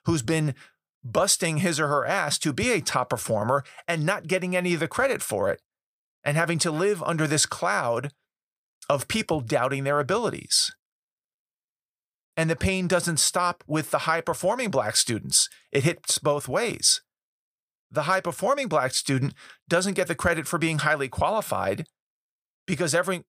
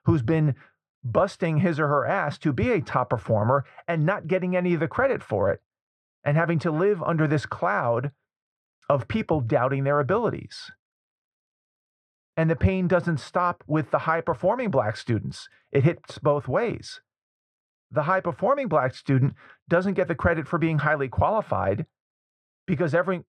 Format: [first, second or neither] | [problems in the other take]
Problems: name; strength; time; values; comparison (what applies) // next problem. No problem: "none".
first | muffled; very; fading above 1.5 kHz